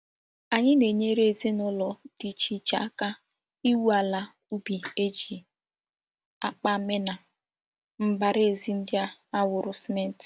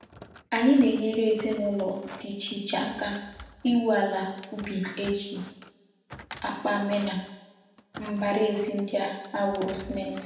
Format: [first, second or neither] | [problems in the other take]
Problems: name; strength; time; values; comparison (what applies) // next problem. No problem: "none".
first | background sound (Thump, thud); 19 dB below the speech // room echo; dies away in 0.8 s